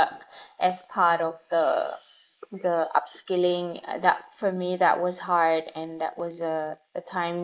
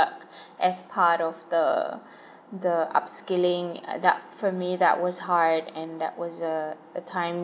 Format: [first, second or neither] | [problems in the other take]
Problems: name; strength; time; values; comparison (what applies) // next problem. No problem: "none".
second | noise reduction (neural mask model Resemble Enhance denoiser)